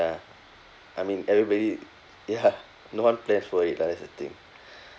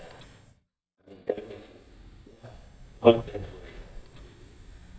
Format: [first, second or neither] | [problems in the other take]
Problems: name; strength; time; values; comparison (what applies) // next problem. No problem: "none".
first | noise reduction (neural mask model DeepFilterNet 3)